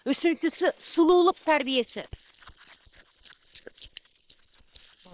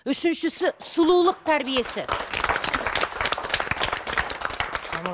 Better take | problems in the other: second | noise reduction (neural separator model SepFormer WHAM!)

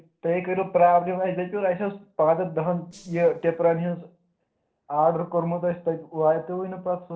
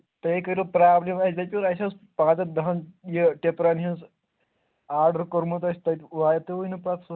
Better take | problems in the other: second | noise reduction (neural separator model SepFormer DNS4)

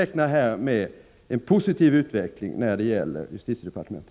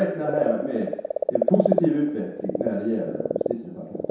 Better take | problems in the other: first | background sound (Frog); 1 dB below the speech // room echo; dies away in 0.7 s

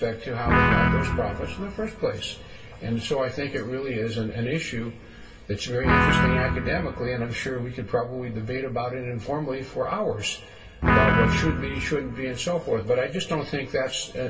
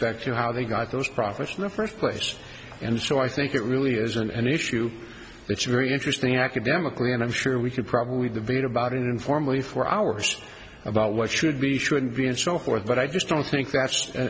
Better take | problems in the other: second | background sound (Guitar); 3 dB above the speech // room echo; dies away in 0.2 s

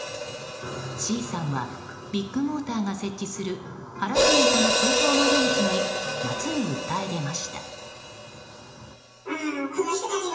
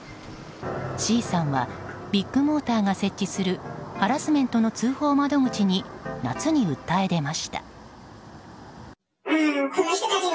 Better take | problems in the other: second | background sound (Hi-hat); 1 dB above the speech // room echo; dies away in 0.8 s

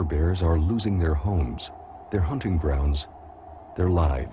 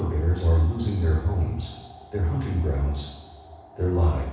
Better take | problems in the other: first | room echo; dies away in 1.1 s

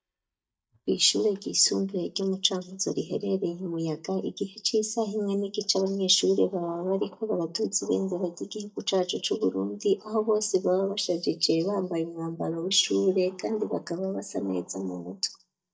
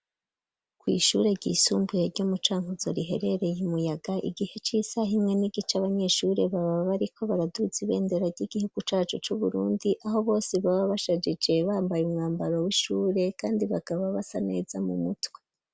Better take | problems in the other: second | noise reduction (neural mask model DeepFilterNet 3)

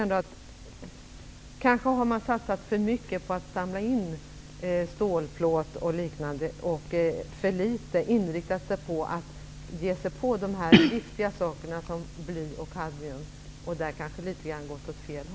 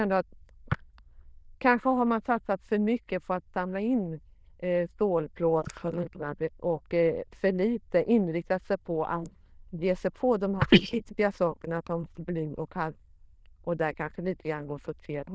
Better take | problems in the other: first | noise reduction (neural diffusion model UNIVERSE++)

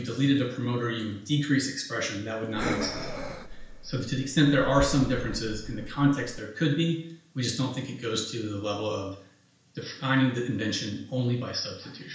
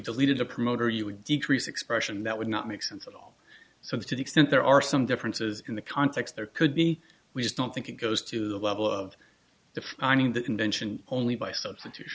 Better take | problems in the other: second | background sound (Breathing); 7 dB below the speech // room echo; dies away in 0.5 s

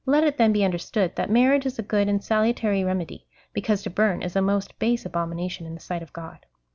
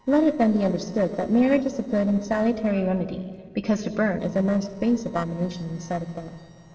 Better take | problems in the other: first | noise reduction (neural separator model SepFormer DNS4)

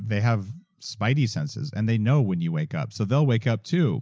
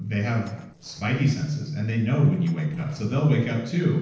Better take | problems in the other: first | noise reduction (neural separator model SepFormer DNS4)

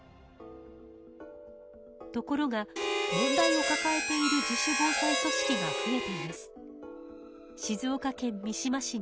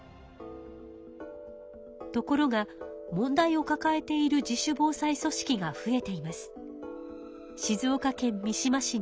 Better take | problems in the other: second | background sound (Harmonica); 4 dB above the speech

